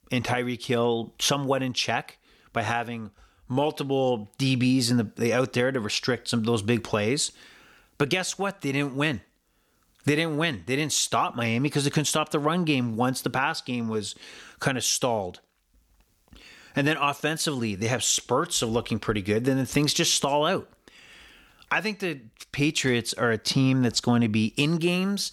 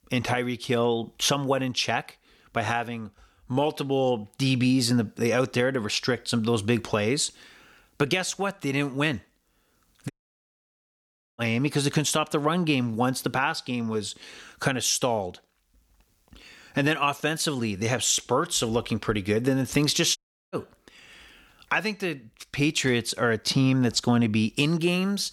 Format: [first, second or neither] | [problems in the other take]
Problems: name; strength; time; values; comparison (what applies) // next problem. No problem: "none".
first | audio cutting out; at 10 s for 1.5 s and at 20 s